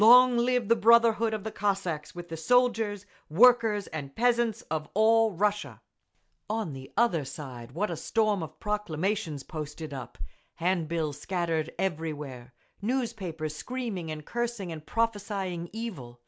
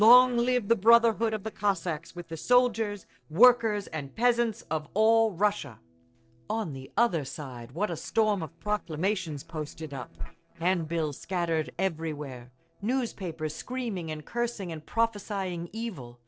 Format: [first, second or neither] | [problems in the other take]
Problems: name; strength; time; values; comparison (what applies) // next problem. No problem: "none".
first | noise reduction (neural separator model SepFormer DNS4)